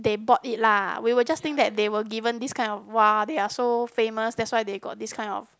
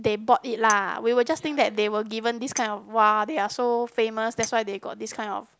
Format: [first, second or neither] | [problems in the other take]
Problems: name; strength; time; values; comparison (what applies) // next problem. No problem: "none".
first | background sound (Chink, clink); 19 dB below the speech